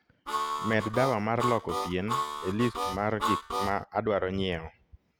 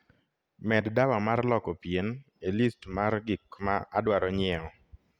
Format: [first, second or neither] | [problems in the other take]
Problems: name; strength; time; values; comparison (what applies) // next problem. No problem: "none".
second | background sound (Harmonica); 2 dB below the speech